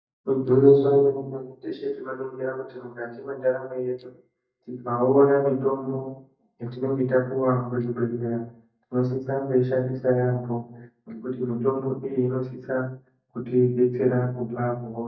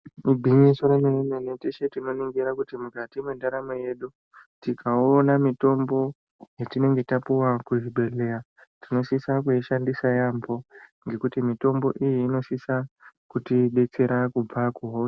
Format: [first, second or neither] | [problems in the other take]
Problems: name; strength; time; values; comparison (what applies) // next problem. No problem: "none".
second | noise reduction (neural mask model DeepFilterNet 3)